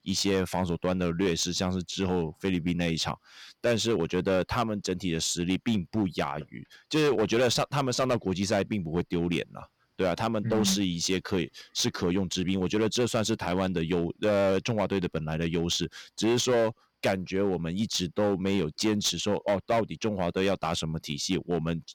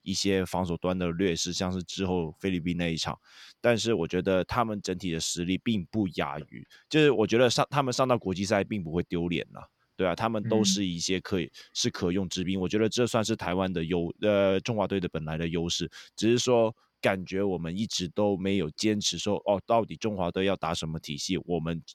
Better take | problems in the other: second | distortion; slight; 7% of the sound clipped

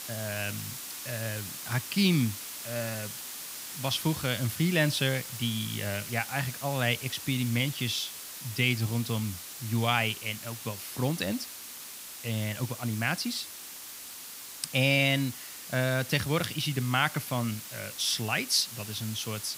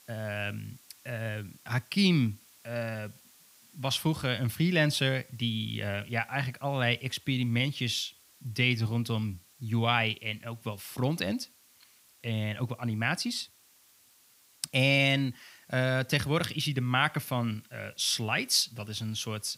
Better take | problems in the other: second | hiss; loud; throughout; 9 dB below the speech; faint in the second

